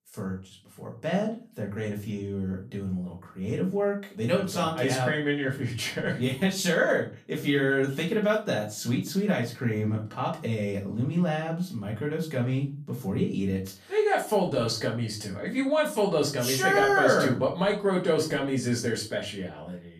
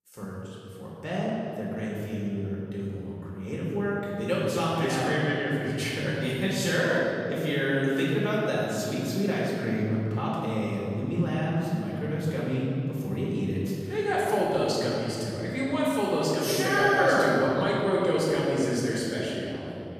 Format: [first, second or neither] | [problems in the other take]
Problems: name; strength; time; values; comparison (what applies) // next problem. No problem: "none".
first | room echo; strong; dies away in 2.6 s; slight in the first // off-mic speech; far; far in the first